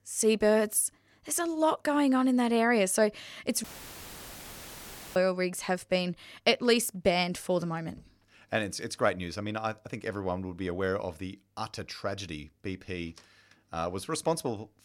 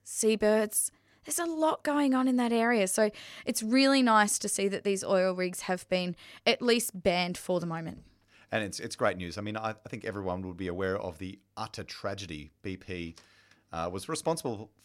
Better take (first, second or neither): second